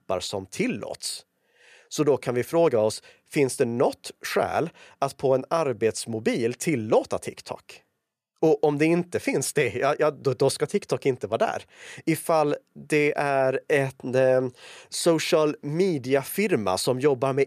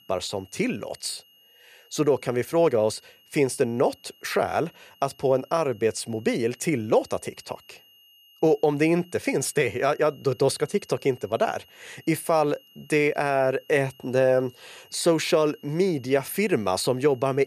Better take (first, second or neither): first